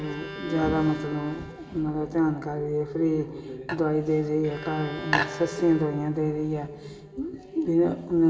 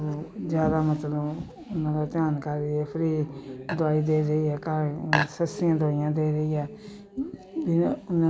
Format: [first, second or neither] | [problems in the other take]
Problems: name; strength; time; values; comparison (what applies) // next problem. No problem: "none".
second | background sound (Bowed string instrument); 17 dB below the speech // room echo; dies away in 2.2 s